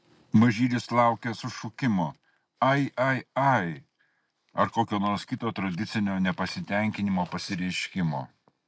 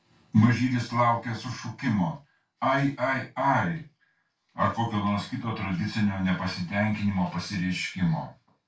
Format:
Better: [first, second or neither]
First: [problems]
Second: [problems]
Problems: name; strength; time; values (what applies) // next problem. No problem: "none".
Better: first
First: none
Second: room echo; dies away in 0.2 s